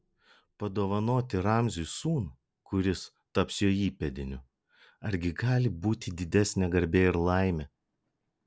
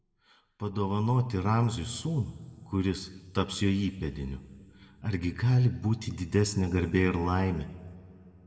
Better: first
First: none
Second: room echo; dies away in 1.3 s

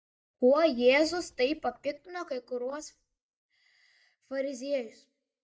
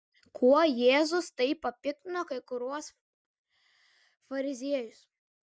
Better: second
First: noise reduction (neural mask model DeepFilterNet 3)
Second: none

